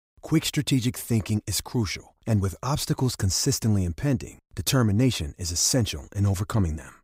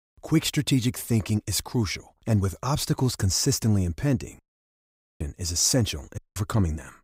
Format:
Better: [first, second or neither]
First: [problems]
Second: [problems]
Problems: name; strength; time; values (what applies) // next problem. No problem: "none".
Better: first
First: none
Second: audio cutting out; at 4.5 s for 0.5 s and at 6 s